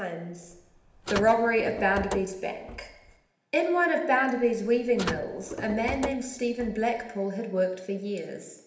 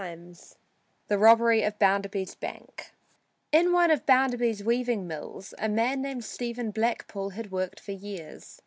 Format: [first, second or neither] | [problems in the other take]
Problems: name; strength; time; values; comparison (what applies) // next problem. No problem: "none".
second | background sound (Car); 11 dB below the speech // room echo; dies away in 0.8 s